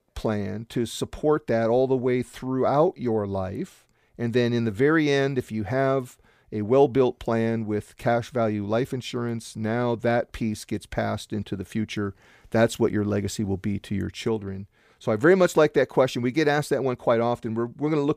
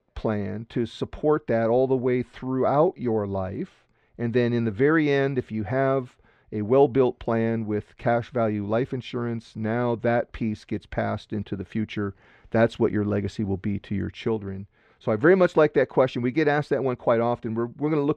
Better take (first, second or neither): first